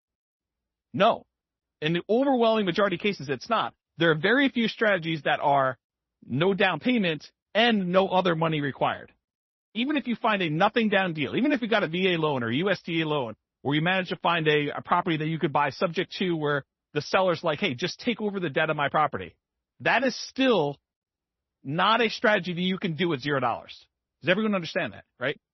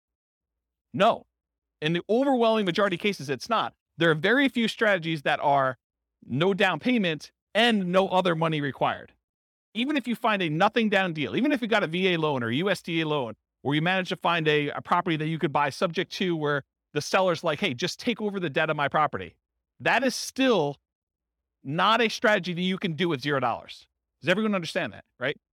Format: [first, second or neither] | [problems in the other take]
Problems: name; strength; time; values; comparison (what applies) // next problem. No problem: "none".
second | garbled, watery; slightly; nothing above 6 kHz